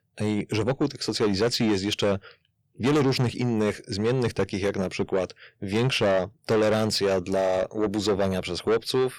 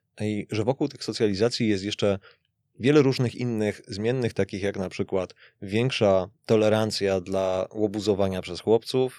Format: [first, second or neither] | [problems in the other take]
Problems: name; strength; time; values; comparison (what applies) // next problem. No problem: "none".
second | distortion; heavy; 7 dB below the speech